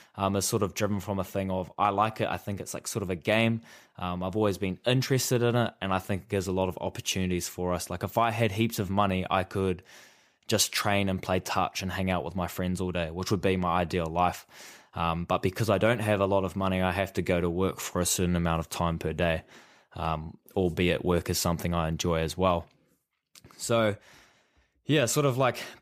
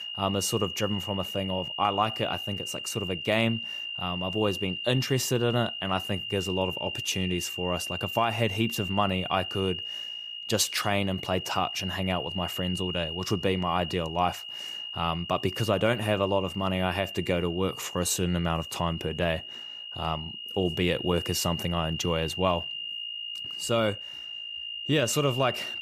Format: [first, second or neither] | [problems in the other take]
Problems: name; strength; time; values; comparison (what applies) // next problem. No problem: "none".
first | high-pitched whine; loud; throughout; 3 kHz, 6 dB below the speech